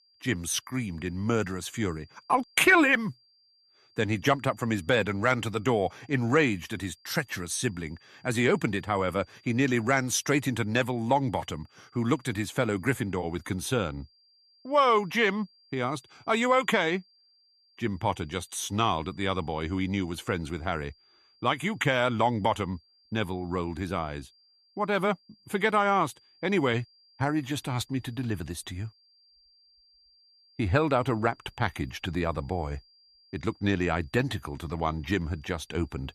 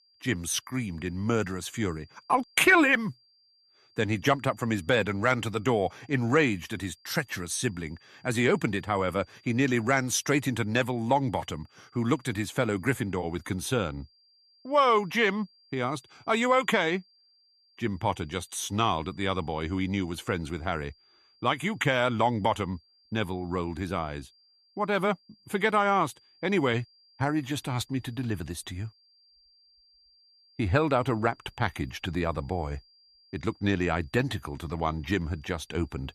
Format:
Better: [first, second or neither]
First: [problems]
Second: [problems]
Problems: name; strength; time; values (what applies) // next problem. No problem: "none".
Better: neither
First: high-pitched whine; faint; throughout; 4.5 kHz, 30 dB below the speech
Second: high-pitched whine; faint; throughout; 4.5 kHz, 30 dB below the speech